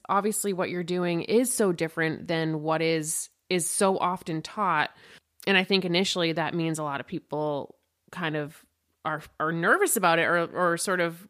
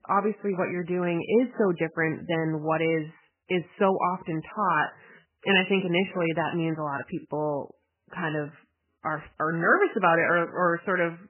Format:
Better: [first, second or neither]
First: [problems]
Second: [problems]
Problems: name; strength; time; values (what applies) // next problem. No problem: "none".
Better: first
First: none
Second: garbled, watery; badly; nothing above 3 kHz